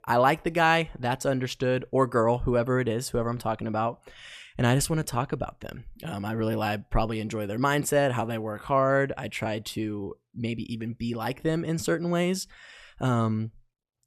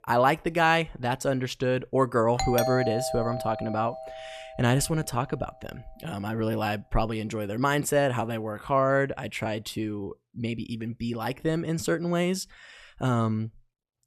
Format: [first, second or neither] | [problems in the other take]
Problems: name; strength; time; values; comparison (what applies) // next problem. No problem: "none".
first | doorbell; noticeable; from 2.5 to 4.5 s; peak 1 dB below the speech